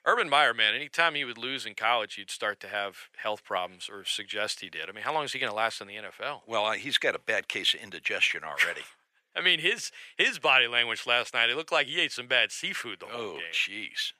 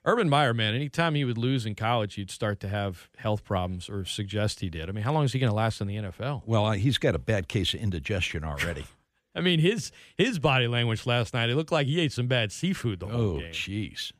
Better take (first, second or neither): second